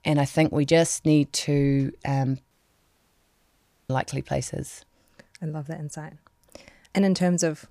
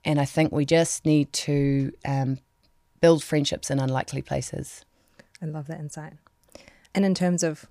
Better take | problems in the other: second | audio cutting out; at 2.5 s for 1.5 s

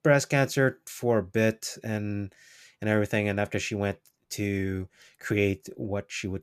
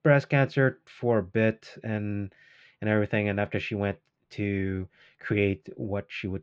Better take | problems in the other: first | muffled; slightly; fading above 3.5 kHz

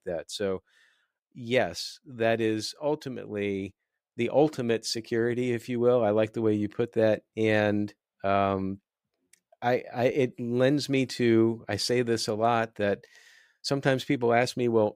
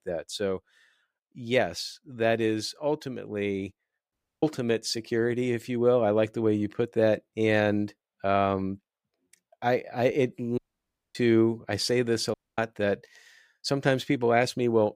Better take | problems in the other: first | audio cutting out; at 4 s, at 11 s for 0.5 s and at 12 s

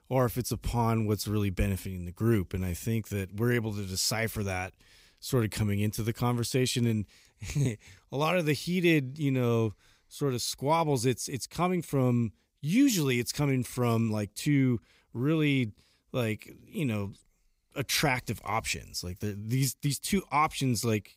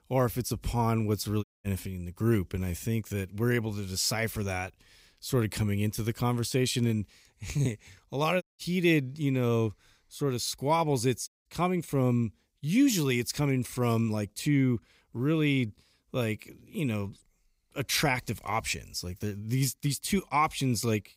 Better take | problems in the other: first | audio cutting out; at 1.5 s, at 8.5 s and at 11 s

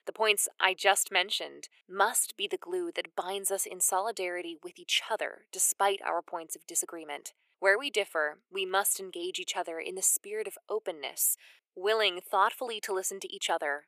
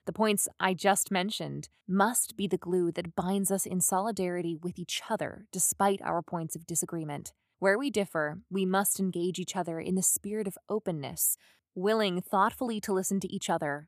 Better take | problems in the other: second | thin; very; fading below 400 Hz

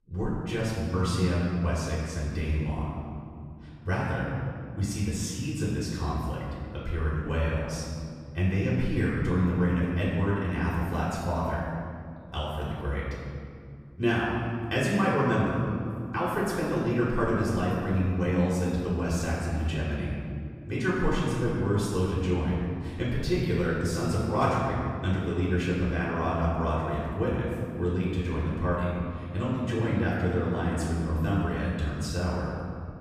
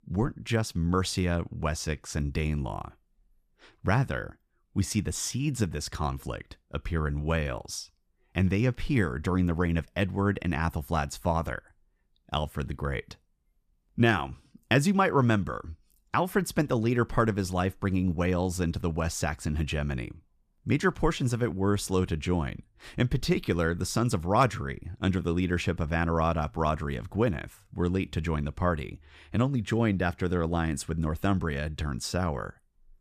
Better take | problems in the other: second | off-mic speech; far // room echo; strong; dies away in 2.2 s

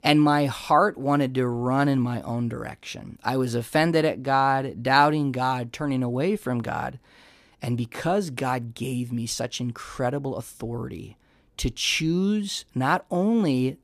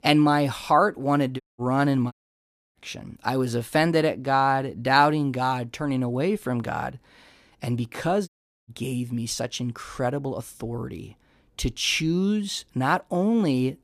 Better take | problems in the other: first | audio cutting out; at 1.5 s, at 2 s for 0.5 s and at 8.5 s

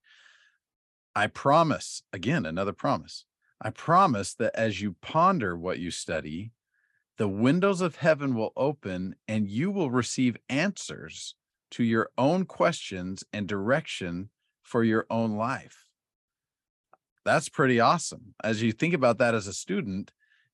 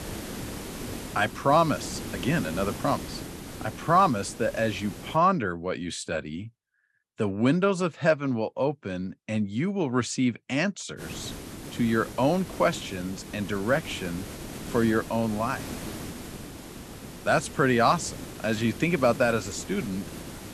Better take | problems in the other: first | hiss; noticeable; until 5 s and from 11 s on; 10 dB below the speech

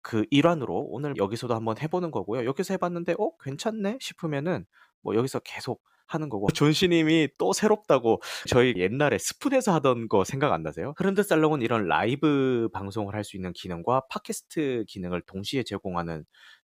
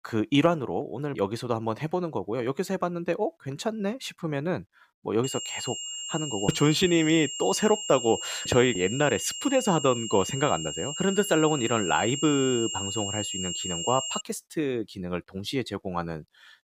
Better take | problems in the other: first | high-pitched whine; loud; from 5 to 14 s; 3 kHz, 5 dB below the speech

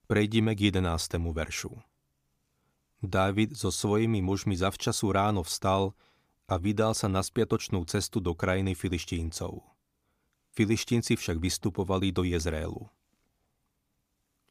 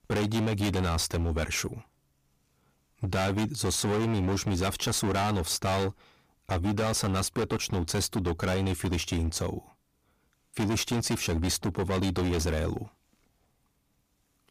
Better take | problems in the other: first | distortion; heavy; 22% of the sound clipped

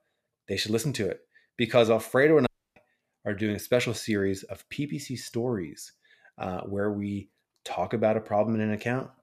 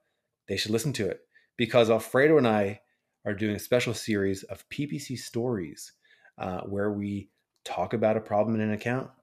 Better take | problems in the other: second | audio cutting out; at 2.5 s

